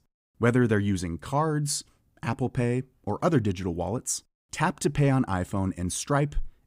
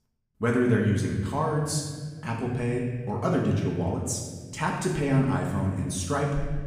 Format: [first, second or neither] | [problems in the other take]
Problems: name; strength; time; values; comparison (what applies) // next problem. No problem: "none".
first | room echo; noticeable; dies away in 1.4 s // off-mic speech; far